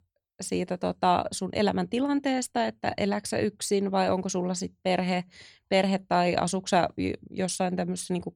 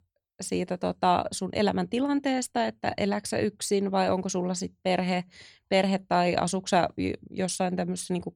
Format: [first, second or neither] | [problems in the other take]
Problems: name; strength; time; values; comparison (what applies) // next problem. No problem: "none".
neither | none